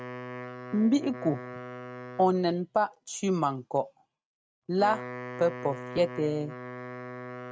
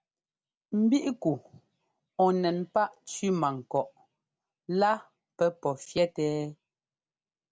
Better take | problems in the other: second | noise reduction (neural mask model RNNoise)

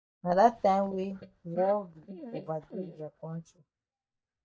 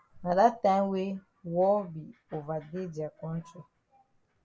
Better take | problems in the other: second | noise reduction (neural mask model DeepFilterNet 3)

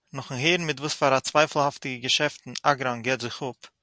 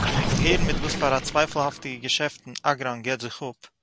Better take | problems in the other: first | background sound (Gurgling); 2 dB below the speech

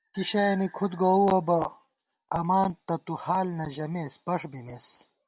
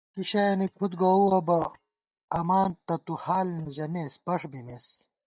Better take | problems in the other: first | noise reduction (neural mask model DeepFilterNet 3)

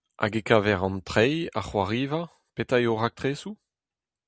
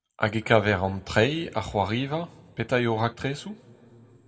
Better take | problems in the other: first | room echo; dies away in 1.2 s

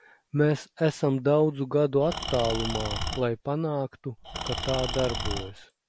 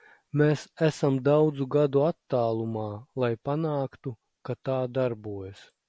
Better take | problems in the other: second | background sound (Engine / Tools); 5 dB below the speech

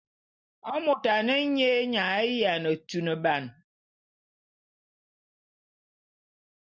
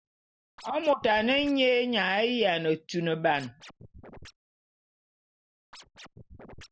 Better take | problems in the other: first | background sound (Scratching (performance technique)); 19 dB below the speech

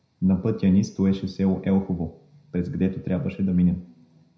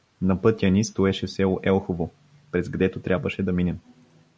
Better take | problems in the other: second | room echo; dies away in 0.5 s

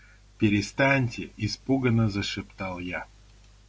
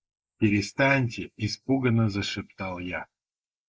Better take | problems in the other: first | noise reduction (neural mask model Resemble Enhance denoiser)

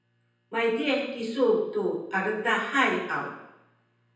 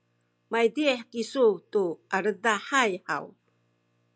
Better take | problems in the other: second | room echo; dies away in 0.9 s

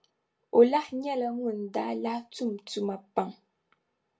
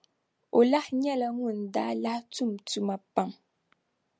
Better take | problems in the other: second | room echo; dies away in 0.2 s

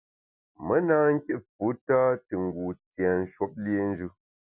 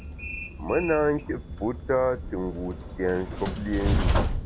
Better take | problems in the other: first | background sound (Train); 1 dB below the speech

